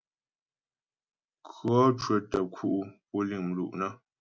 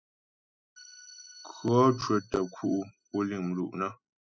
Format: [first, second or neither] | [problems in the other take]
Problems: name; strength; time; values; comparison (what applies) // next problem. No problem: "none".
first | noise reduction (classical method spectral subtraction)